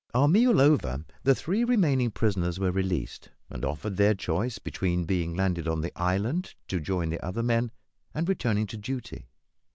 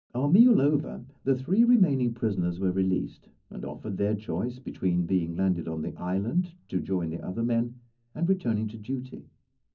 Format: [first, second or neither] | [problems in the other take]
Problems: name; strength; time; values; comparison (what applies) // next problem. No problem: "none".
first | room echo; dies away in 0.4 s